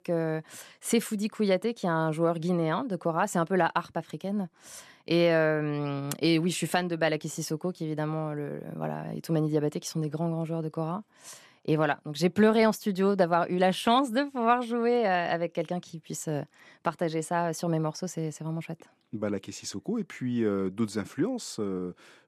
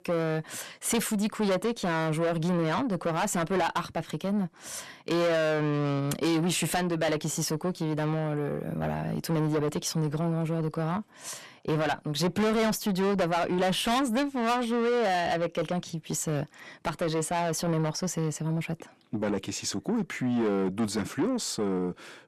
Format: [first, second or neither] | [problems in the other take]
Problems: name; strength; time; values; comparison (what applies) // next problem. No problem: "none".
first | distortion; heavy; 6 dB below the speech